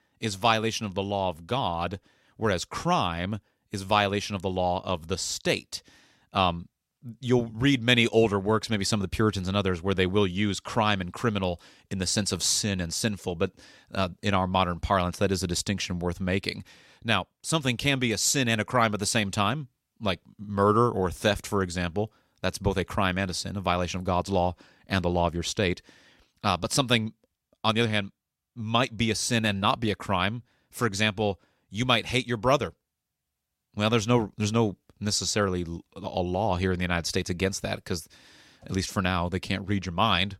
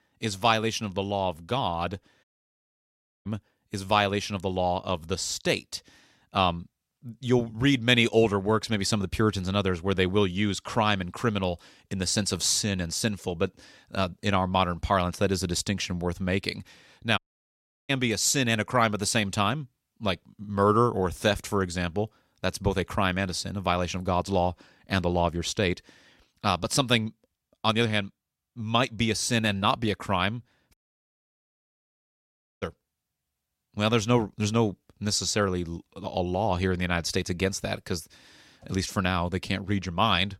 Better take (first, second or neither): first